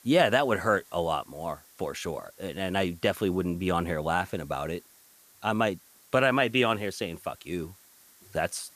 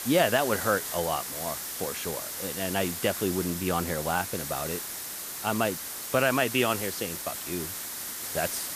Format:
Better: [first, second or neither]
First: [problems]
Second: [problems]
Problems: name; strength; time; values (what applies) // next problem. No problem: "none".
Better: first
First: hiss; faint; throughout; 25 dB below the speech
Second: hiss; loud; throughout; 4 dB below the speech